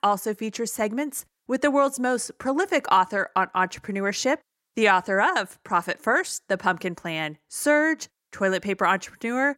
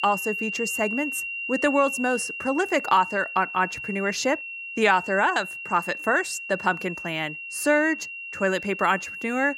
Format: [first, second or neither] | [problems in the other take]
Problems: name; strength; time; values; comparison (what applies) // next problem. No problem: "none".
first | high-pitched whine; loud; throughout; 2.5 kHz, 7 dB below the speech